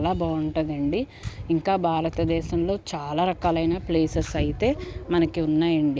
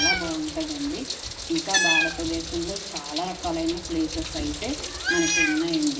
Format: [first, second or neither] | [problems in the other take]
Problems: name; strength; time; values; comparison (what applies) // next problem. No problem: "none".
first | background sound (Meow); as loud as the speech // room echo; dies away in 0.7 s